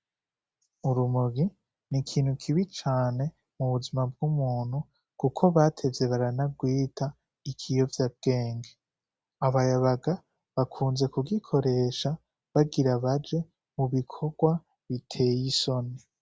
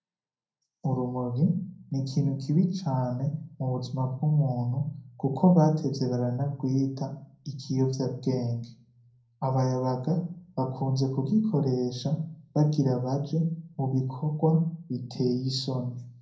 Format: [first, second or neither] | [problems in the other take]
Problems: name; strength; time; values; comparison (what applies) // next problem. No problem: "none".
first | room echo; dies away in 0.5 s